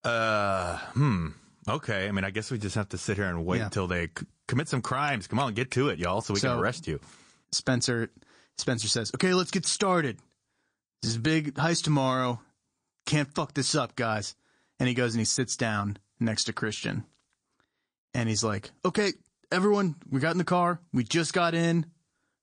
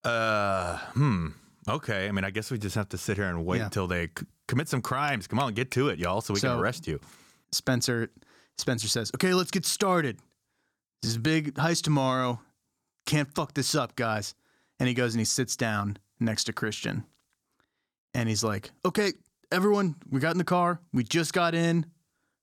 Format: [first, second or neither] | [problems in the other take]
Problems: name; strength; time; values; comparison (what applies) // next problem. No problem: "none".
second | garbled, watery; slightly; nothing above 9 kHz